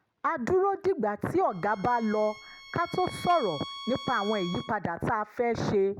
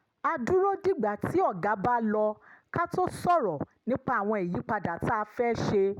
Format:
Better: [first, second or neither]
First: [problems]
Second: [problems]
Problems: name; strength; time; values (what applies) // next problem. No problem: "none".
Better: second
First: background sound (Bowed string instrument); 15 dB below the speech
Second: none